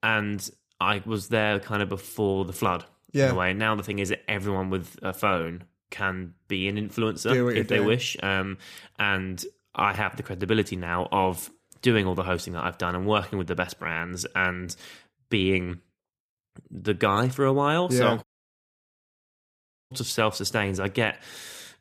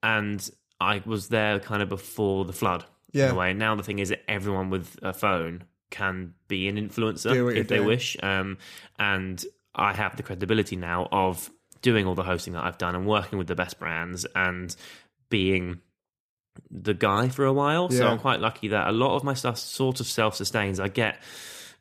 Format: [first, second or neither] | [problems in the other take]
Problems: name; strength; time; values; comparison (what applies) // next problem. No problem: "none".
second | audio cutting out; at 18 s for 1.5 s